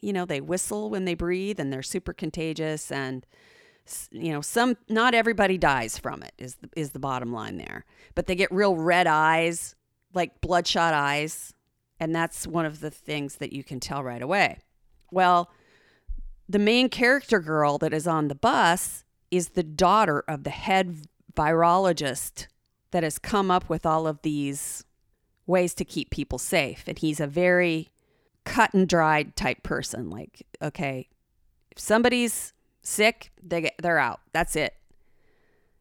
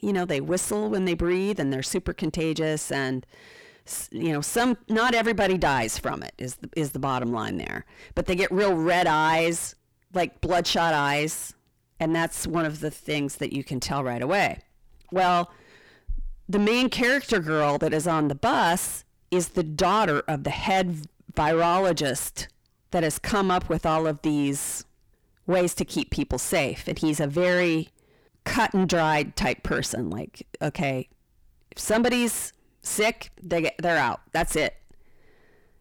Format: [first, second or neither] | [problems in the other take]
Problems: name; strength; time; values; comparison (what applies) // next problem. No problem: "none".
first | distortion; heavy; 6 dB below the speech